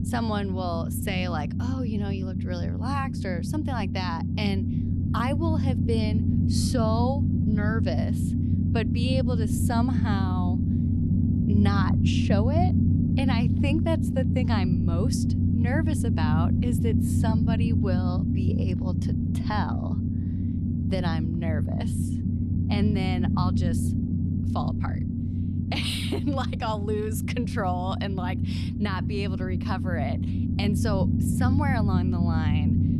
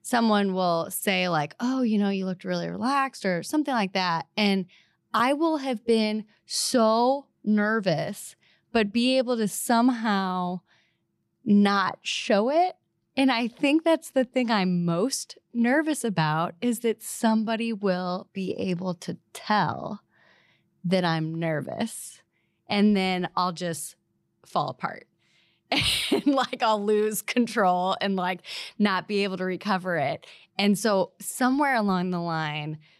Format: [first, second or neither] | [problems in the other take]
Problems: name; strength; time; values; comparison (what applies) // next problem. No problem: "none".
second | low rumble; loud; throughout; 3 dB below the speech